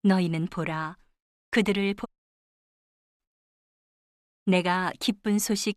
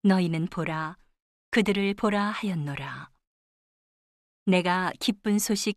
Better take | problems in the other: second | audio cutting out; at 2 s for 1 s

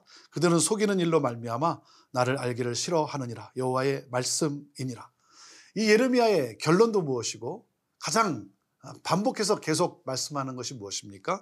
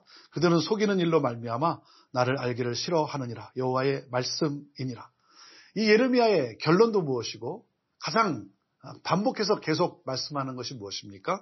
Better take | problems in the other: first | garbled, watery; slightly; nothing above 6 kHz

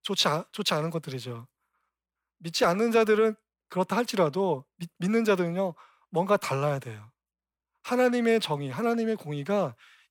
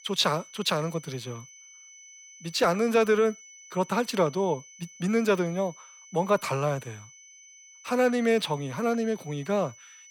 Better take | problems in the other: first | high-pitched whine; faint; throughout; 6 kHz, 20 dB below the speech

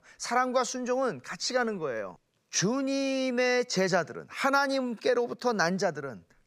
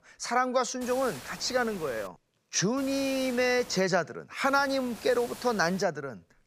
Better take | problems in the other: first | hiss; noticeable; from 1 to 2 s, from 3 to 4 s and from 4.5 to 6 s; 15 dB below the speech

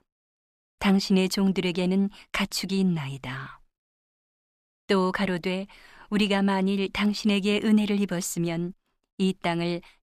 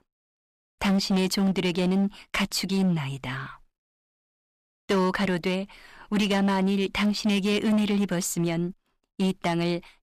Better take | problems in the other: first | distortion; slight; 11% of the sound clipped

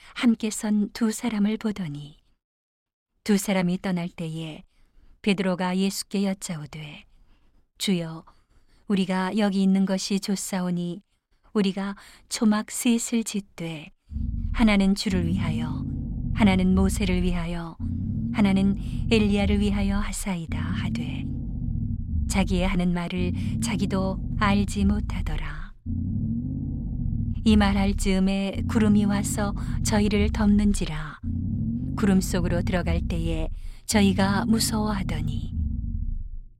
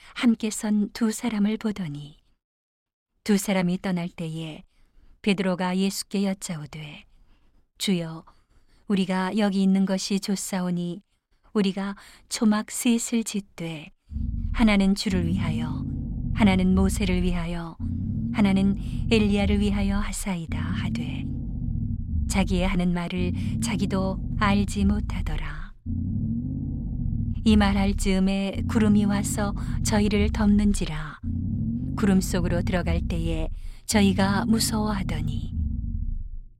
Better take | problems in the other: neither | low rumble; noticeable; from 14 s on; 10 dB below the speech; the same in both

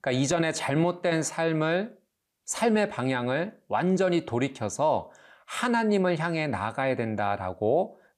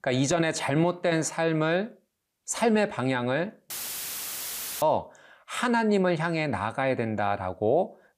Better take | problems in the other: first | audio cutting out; filled with static; at 3.5 s for 1 s

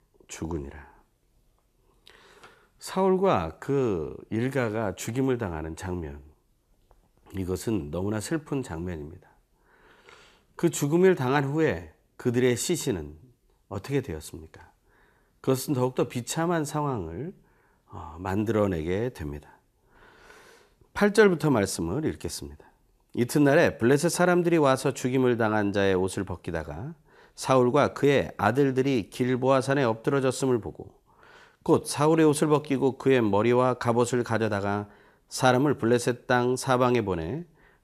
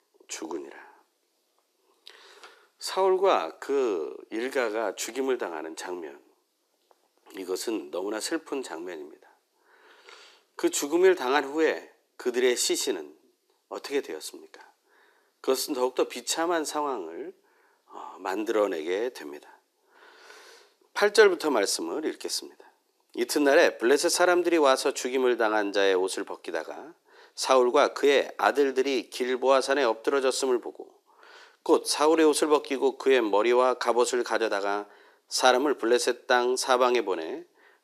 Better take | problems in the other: first | thin; somewhat; fading below 300 Hz

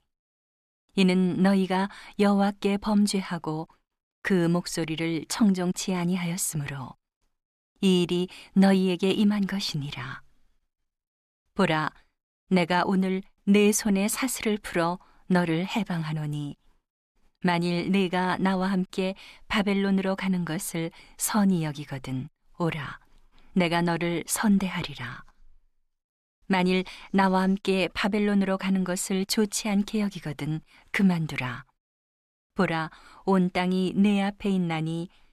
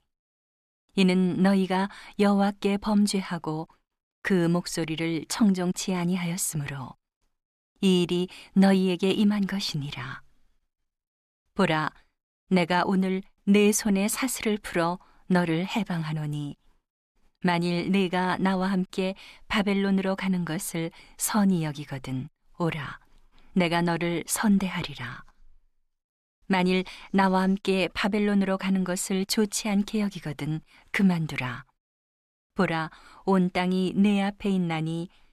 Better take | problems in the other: neither | none

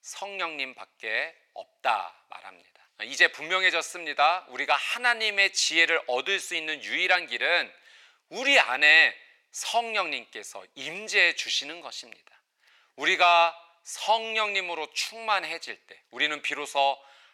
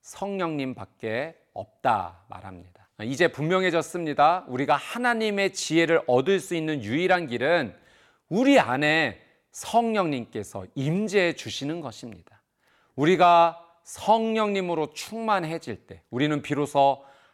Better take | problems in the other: second | thin; very; fading below 700 Hz

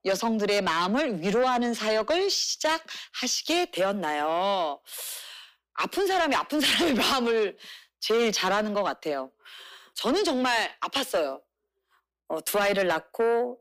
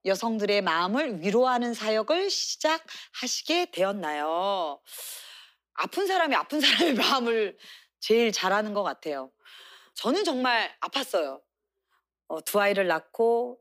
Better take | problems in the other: second | distortion; slight; 10 dB below the speech

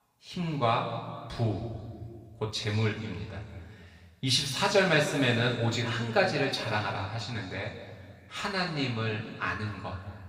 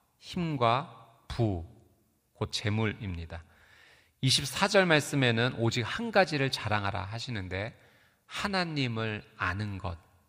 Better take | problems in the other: second | room echo; noticeable; dies away in 1.8 s // off-mic speech; far

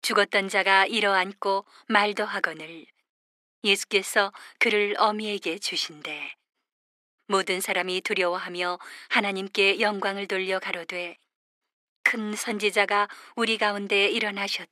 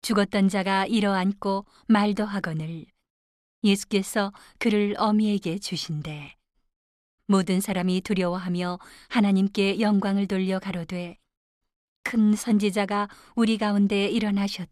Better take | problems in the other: second | thin; very; fading below 300 Hz

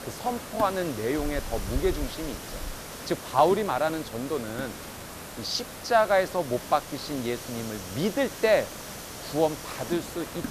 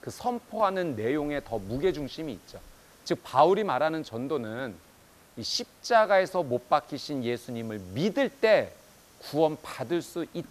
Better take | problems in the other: second | hiss; loud; throughout; 10 dB below the speech; faint in the second

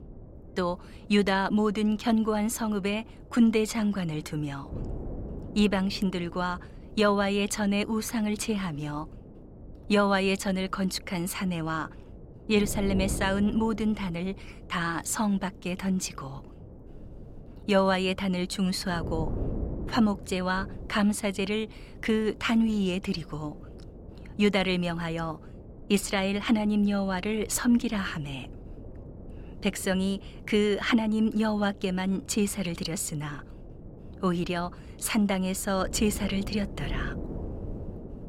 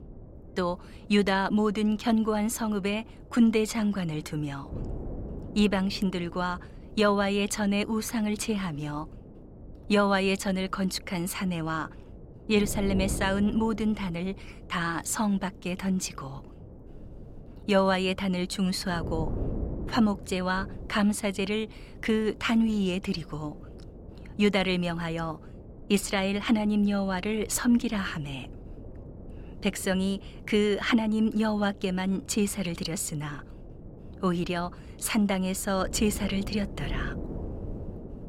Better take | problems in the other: neither | wind noise on the microphone; occasional gusts; 20 dB below the speech; the same in both

